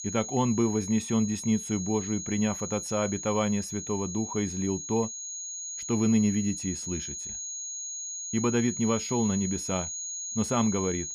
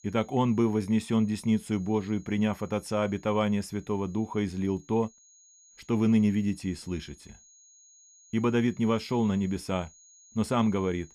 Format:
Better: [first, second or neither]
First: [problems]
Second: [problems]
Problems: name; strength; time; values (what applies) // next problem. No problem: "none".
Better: second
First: high-pitched whine; loud; throughout; 6.5 kHz, 6 dB below the speech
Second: high-pitched whine; faint; throughout; 6.5 kHz, 25 dB below the speech